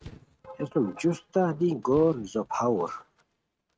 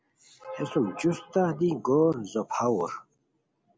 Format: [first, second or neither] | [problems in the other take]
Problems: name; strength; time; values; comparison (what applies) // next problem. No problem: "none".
second | noise reduction (neural mask model RNNoise)